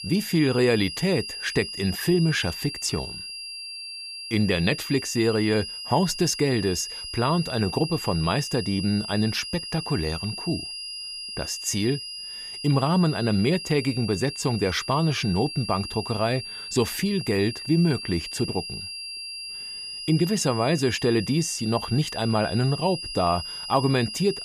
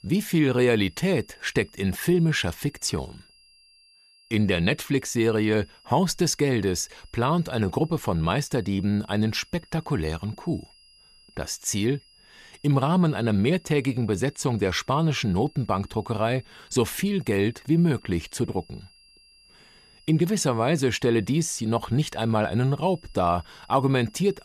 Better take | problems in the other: second | high-pitched whine; loud; throughout; 5 kHz, 8 dB below the speech; faint in the second

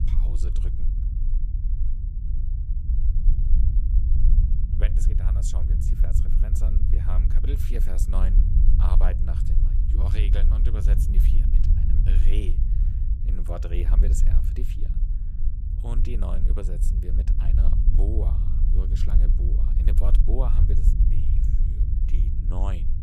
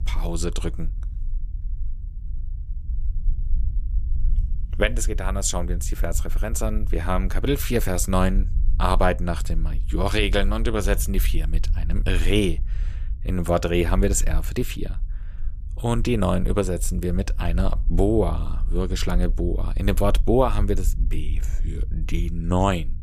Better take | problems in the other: second | low rumble; loud; throughout; 2 dB below the speech; faint in the second

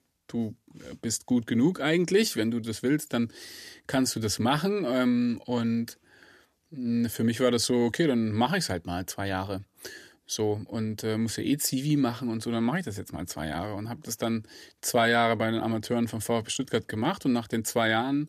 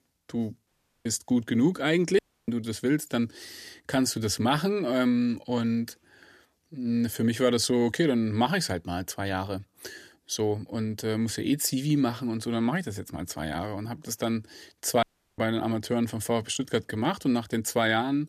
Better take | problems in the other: first | audio cutting out; at 0.5 s, at 2 s and at 15 s

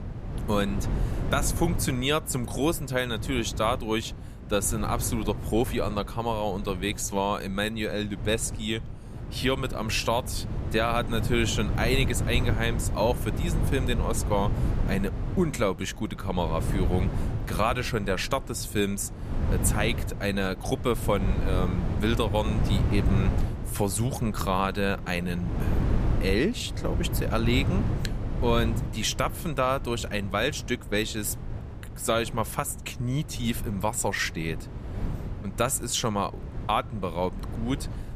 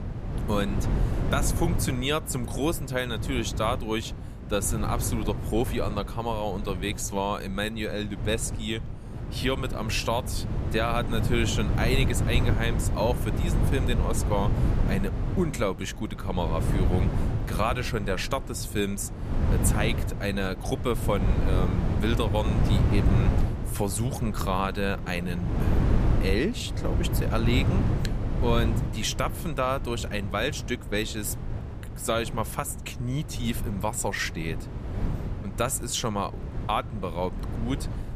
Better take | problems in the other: first | wind noise on the microphone; heavy; 8 dB below the speech; occasional gusts in the first

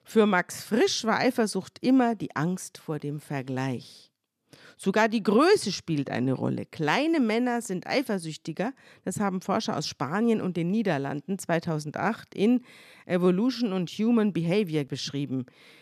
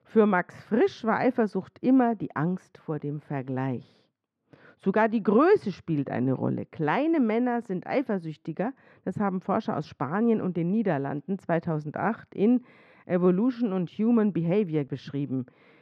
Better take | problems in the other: first | muffled; very; fading above 4 kHz

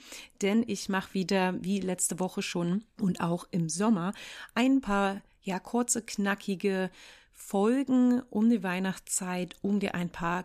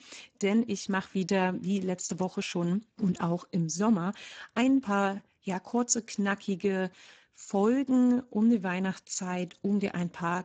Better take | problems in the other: first | garbled, watery; badly; nothing above 7.5 kHz

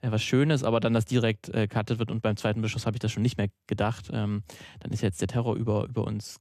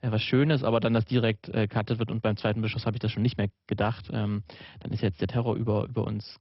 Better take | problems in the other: first | garbled, watery; badly; nothing above 5.5 kHz

